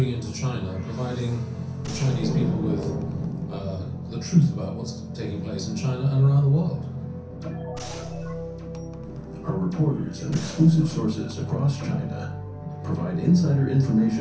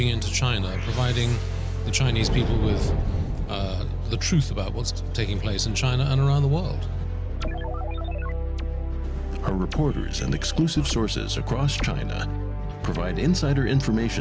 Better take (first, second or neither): second